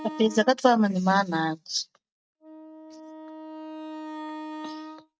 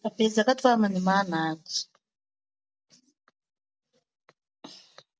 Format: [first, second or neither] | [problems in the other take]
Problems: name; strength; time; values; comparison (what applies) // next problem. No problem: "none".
second | noise reduction (neural mask model RNNoise)